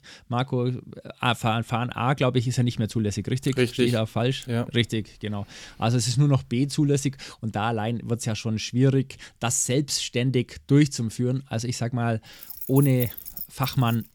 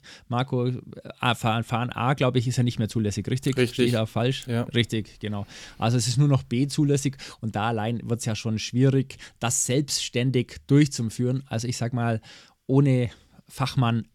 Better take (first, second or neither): second